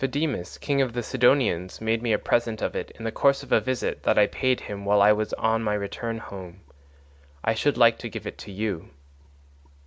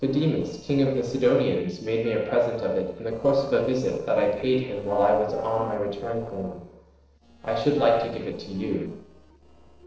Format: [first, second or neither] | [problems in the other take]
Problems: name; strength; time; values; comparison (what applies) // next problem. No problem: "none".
first | noise reduction (neural separator model SepFormer DNS4)